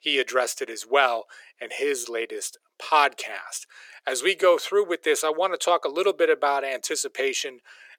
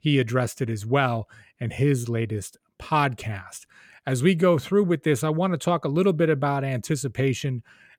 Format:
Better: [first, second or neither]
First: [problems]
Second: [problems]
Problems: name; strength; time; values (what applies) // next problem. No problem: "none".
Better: second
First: thin; very; fading below 400 Hz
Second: none